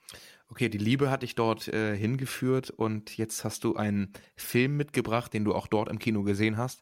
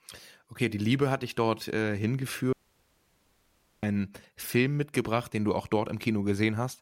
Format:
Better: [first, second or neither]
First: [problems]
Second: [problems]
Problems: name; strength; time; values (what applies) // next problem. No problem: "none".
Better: first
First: none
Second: audio cutting out; at 2.5 s for 1.5 s